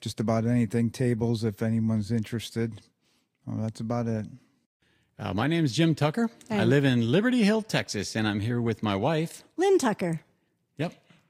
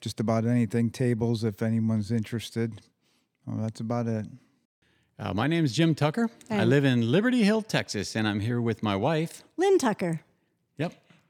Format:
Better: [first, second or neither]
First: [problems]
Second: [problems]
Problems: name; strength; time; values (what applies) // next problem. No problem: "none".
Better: second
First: garbled, watery; slightly; nothing above 15 kHz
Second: none